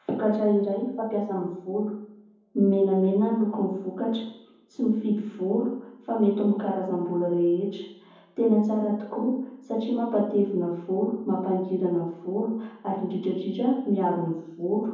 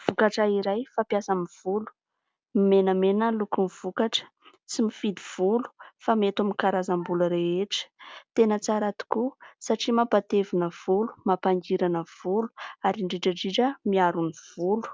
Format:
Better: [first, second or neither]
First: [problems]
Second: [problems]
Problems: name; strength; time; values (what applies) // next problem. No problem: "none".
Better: second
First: room echo; dies away in 0.9 s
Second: none